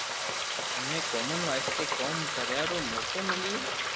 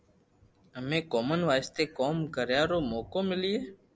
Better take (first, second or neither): second